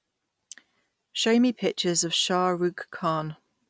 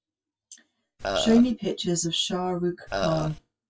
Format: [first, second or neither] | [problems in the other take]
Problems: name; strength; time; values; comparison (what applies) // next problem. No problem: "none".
first | noise reduction (classical method WPE with log-MMSE)